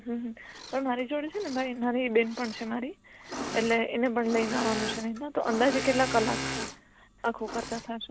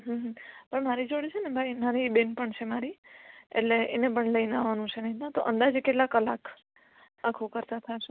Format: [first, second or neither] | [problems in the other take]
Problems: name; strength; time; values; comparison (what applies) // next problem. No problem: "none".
second | background sound (Engine / Mechanisms); 8 dB below the speech